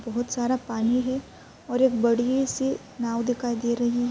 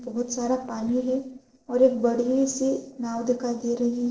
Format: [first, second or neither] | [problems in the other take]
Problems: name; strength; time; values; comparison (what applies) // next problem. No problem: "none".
first | noise reduction (neural separator model SepFormer DNS4)